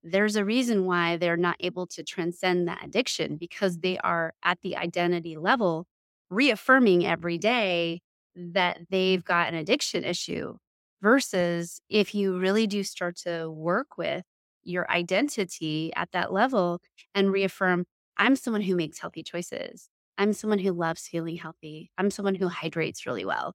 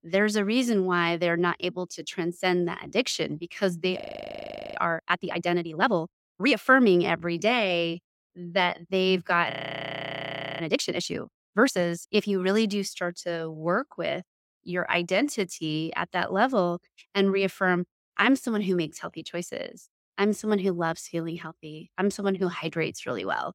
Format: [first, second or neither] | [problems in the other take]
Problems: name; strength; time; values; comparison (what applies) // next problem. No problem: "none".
first | audio freezing; at 4 s for 1 s and at 9.5 s for 1 s